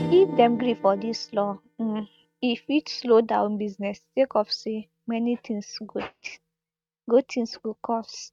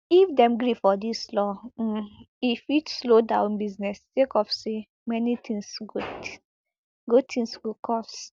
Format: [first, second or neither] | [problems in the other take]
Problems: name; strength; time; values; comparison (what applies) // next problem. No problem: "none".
second | noise reduction (neural mask model RNNoise)